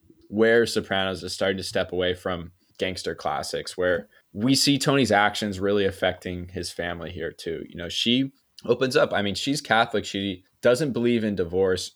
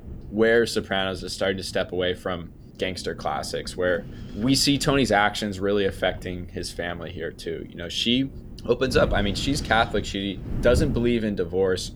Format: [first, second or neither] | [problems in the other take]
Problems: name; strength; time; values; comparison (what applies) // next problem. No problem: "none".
first | wind noise on the microphone; occasional gusts; 20 dB below the speech